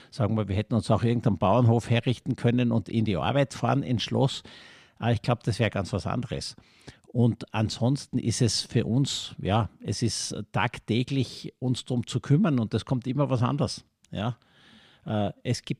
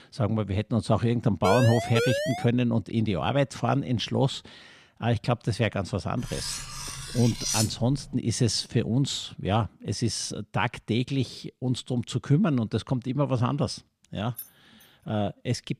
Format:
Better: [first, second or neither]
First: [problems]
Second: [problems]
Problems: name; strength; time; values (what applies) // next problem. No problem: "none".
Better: first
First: none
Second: siren; loud; from 1.5 to 2.5 s; peak level with the speech // clattering dishes; loud; from 6 to 8 s; peak level with the speech // jangling keys; faint; at 14 s; peak 15 dB below the speech